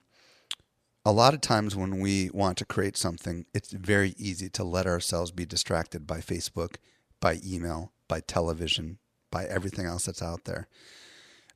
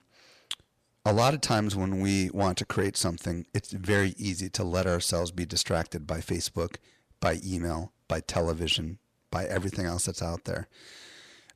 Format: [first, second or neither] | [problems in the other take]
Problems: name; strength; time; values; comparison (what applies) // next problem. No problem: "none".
first | distortion; slight; 10 dB below the speech